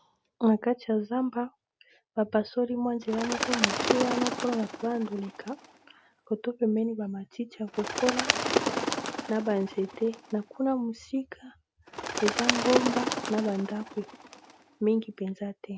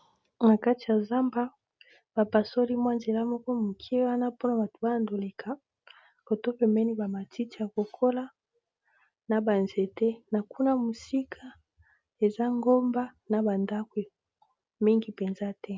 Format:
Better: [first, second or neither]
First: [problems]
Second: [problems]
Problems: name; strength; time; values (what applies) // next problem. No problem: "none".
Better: second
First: background sound (Bird); 2 dB below the speech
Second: none